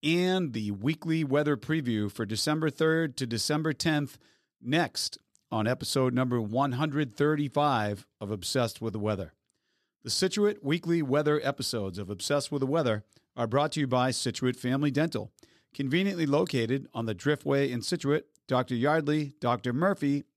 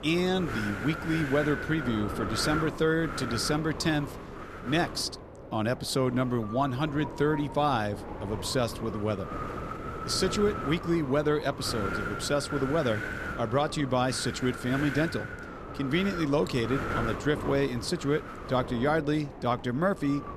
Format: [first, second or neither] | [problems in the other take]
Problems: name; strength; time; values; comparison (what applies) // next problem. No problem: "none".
first | wind noise on the microphone; heavy; 6 dB below the speech